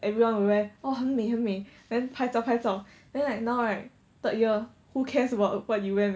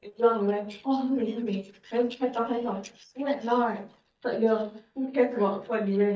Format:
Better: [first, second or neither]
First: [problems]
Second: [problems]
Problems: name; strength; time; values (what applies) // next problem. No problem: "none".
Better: first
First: none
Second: noise reduction (neural mask model DeepFilterNet 3)